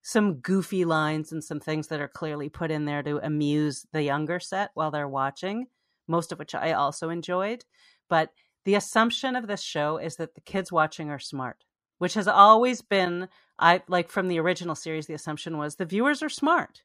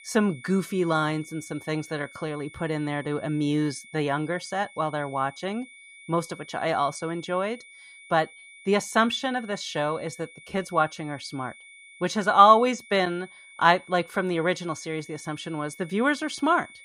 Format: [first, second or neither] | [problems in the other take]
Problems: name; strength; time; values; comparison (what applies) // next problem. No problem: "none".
first | high-pitched whine; faint; throughout; 2 kHz, 20 dB below the speech